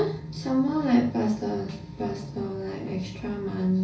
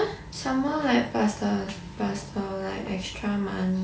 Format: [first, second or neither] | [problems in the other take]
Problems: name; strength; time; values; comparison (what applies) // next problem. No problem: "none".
second | room echo; dies away in 0.4 s